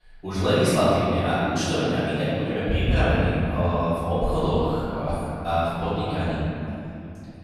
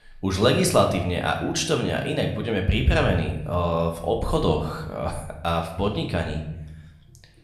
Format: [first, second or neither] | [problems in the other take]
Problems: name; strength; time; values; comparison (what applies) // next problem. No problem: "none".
second | room echo; strong; dies away in 3 s; slight in the second // off-mic speech; far